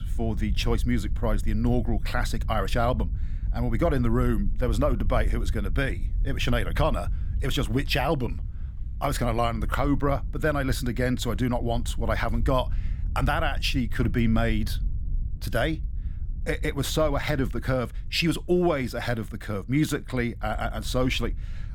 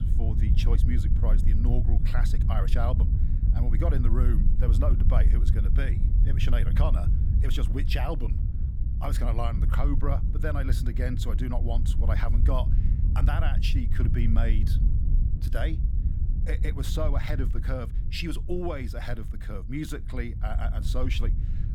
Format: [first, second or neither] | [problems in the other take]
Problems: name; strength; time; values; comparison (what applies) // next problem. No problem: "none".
first | wind noise on the microphone; heavy; 7 dB below the speech; occasional gusts in the first